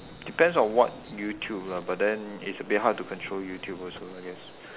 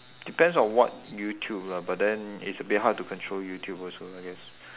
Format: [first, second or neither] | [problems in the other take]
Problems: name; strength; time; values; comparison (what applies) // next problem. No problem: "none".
second | background sound (Gunshot, gunfire); 19 dB below the speech